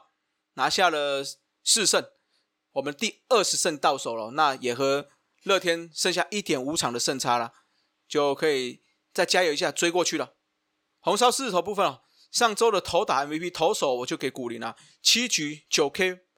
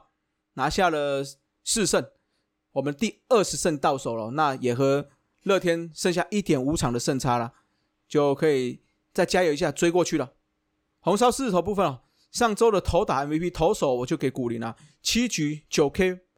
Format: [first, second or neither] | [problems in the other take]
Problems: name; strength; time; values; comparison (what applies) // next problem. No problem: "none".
second | thin; very slightly; fading below 700 Hz